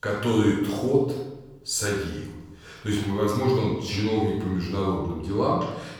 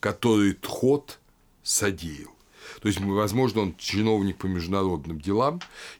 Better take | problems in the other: second | off-mic speech; far // room echo; noticeable; dies away in 1 s

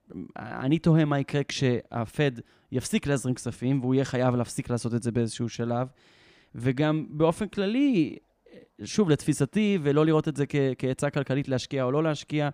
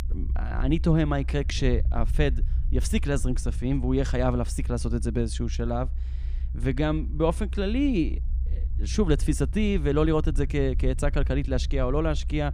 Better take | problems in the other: first | low rumble; faint; throughout; 20 dB below the speech

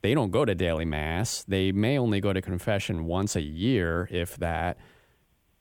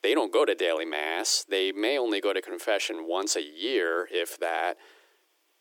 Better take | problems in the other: first | thin; very; fading below 300 Hz

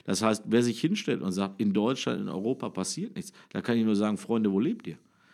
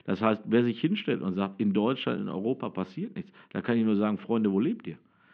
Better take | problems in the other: first | muffled; very; fading above 3 kHz

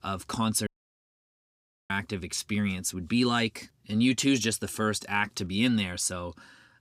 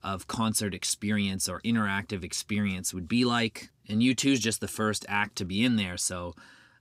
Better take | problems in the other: second | audio cutting out; at 0.5 s for 1 s

